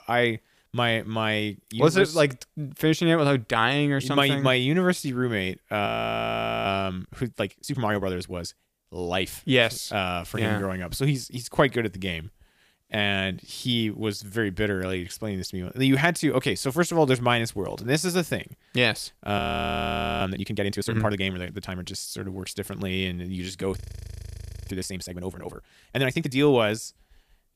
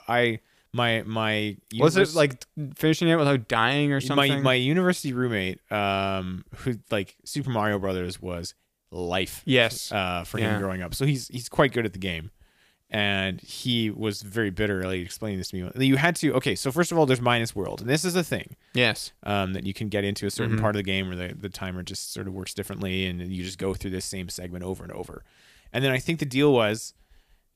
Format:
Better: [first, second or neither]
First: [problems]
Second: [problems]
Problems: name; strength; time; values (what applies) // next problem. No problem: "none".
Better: second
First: audio freezing; at 6 s for 1 s, at 19 s for 1 s and at 24 s for 1 s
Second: none